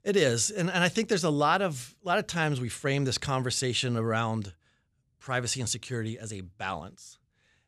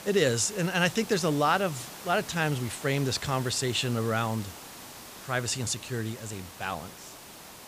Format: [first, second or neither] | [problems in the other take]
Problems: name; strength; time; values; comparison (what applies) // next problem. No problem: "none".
first | hiss; noticeable; throughout; 15 dB below the speech